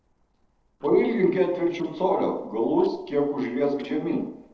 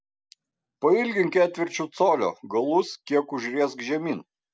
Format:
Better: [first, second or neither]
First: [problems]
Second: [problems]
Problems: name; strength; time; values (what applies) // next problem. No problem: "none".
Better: second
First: noise reduction (neural separator model SepFormer DNS4)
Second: none